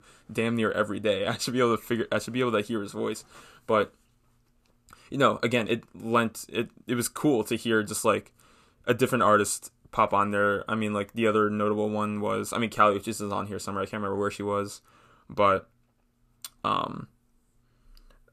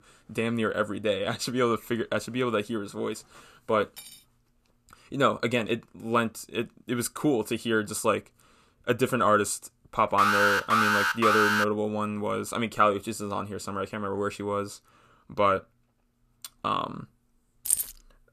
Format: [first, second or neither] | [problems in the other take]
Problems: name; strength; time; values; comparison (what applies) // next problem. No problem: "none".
first | clattering dishes; faint; at 4 s; peak 15 dB below the speech // alarm; loud; from 10 to 12 s; peak 6 dB above the speech // jangling keys; loud; at 18 s; peak 2 dB above the speech